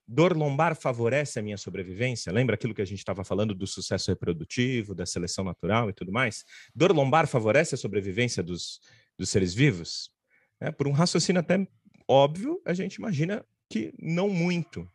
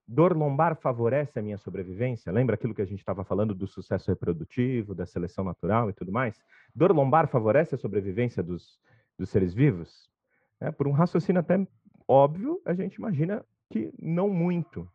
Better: first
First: none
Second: muffled; very; fading above 3 kHz

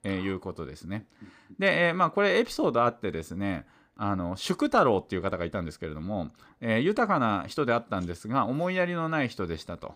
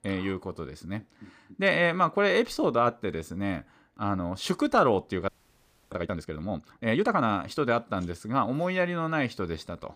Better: first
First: none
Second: audio freezing; at 5.5 s for 0.5 s

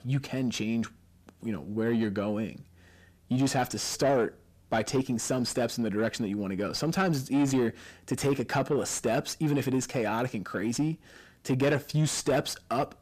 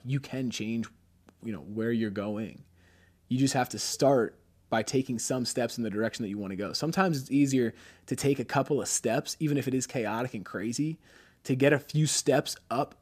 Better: second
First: distortion; slight; 10 dB below the speech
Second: none

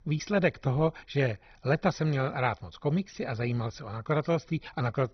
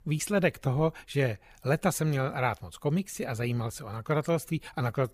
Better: second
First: garbled, watery; badly; nothing above 6 kHz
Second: none

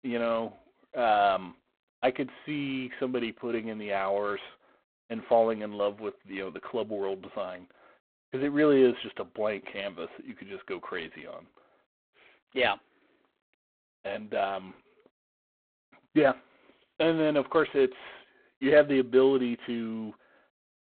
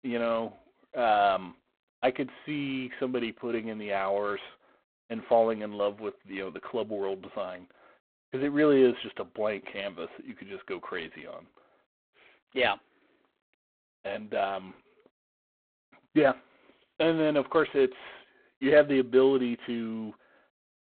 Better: neither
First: phone-call audio; poor line; nothing above 3.5 kHz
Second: phone-call audio; poor line; nothing above 3.5 kHz

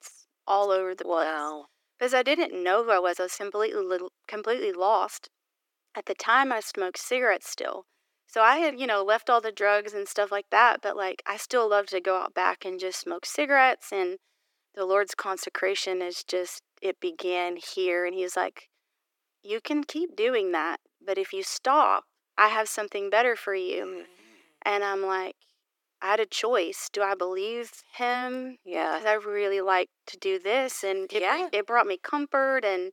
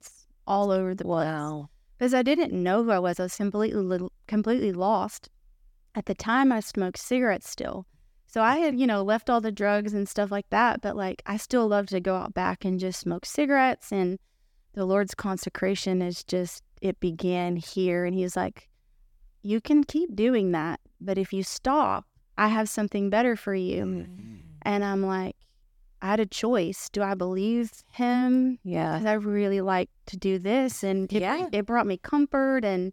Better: second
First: thin; very; fading below 350 Hz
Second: none

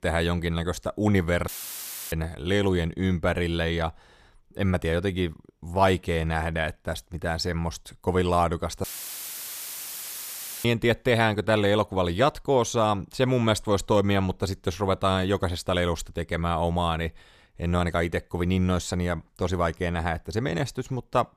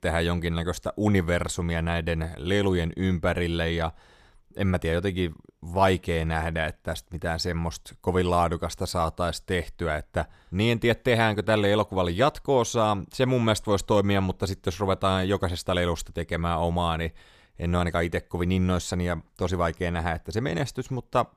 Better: second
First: audio cutting out; filled with static; at 1.5 s for 0.5 s and at 9 s for 2 s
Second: none

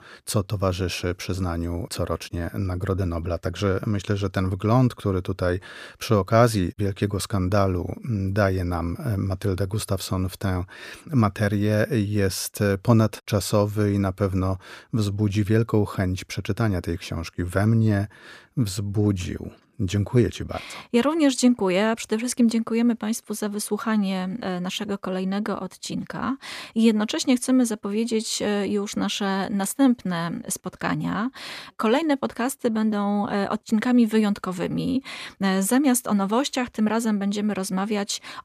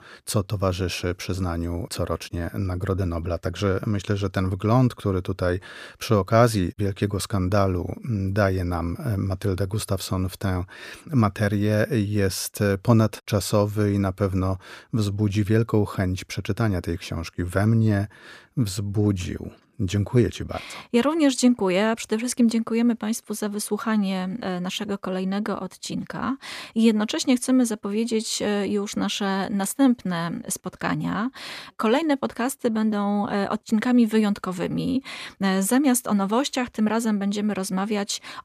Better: neither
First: none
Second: none

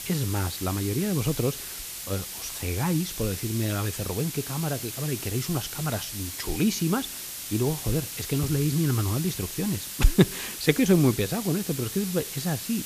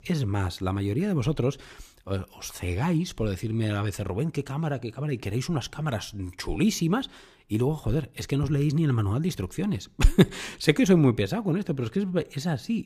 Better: second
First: hiss; loud; throughout; 6 dB below the speech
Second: none

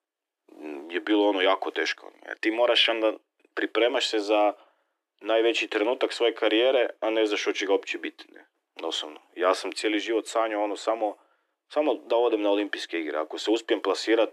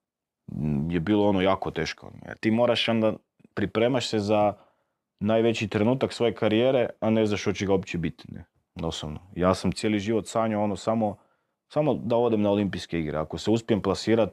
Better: second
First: thin; very; fading below 300 Hz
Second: none

